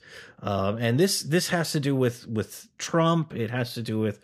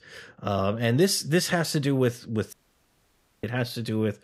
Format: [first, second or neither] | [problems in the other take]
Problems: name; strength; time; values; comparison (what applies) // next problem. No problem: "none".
first | audio cutting out; at 2.5 s for 1 s